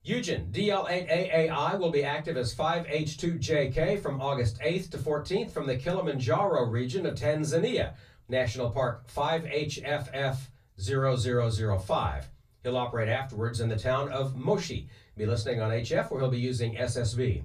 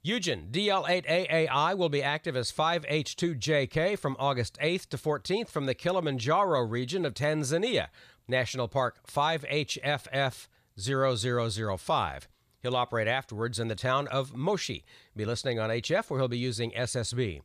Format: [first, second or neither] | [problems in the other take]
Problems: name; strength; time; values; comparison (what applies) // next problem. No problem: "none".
second | off-mic speech; far // room echo; very slight; dies away in 0.3 s